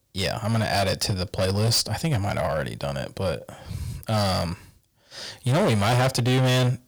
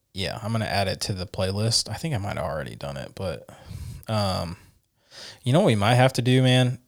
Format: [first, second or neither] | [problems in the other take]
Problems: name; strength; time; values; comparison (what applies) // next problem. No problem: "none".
second | distortion; heavy; 14% of the sound clipped